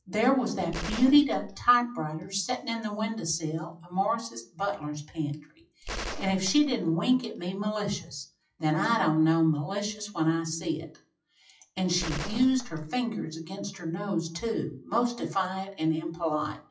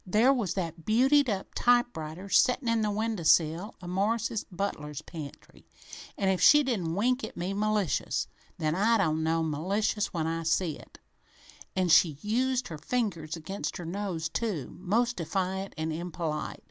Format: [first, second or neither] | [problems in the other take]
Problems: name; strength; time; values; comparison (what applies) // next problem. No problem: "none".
second | noise reduction (classical method WPE with log-MMSE)